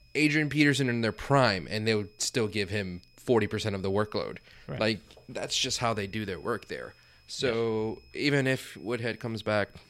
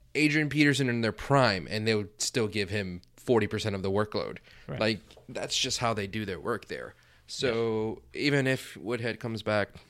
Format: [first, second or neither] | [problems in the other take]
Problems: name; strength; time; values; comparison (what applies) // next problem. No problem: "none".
second | high-pitched whine; faint; throughout; 5 kHz, 30 dB below the speech